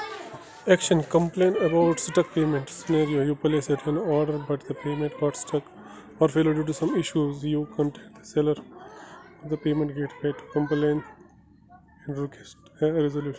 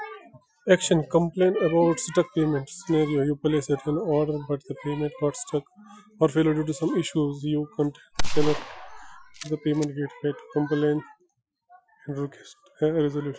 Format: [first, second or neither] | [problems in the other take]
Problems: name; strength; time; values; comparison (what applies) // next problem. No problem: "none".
first | noise reduction (classical method Wiener filter)